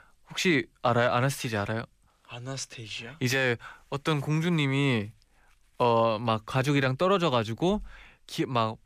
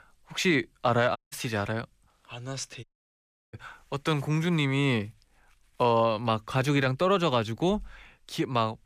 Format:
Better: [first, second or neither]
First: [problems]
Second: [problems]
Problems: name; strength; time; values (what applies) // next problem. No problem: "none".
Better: first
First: none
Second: audio cutting out; at 1 s and at 3 s for 0.5 s